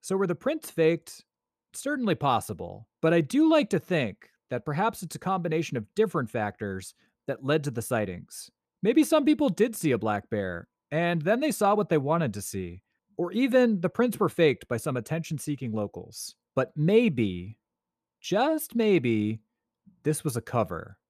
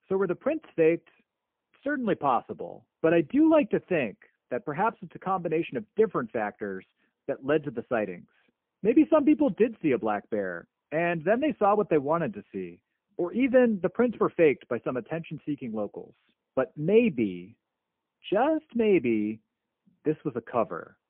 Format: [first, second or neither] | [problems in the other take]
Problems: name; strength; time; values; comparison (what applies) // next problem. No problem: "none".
first | phone-call audio; poor line